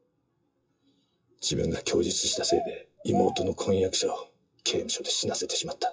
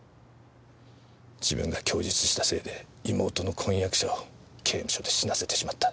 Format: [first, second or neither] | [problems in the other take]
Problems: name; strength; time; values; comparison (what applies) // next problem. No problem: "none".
second | noise reduction (classical method WPE with log-MMSE)